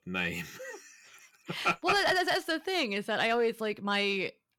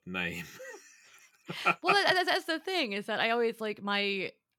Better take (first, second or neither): second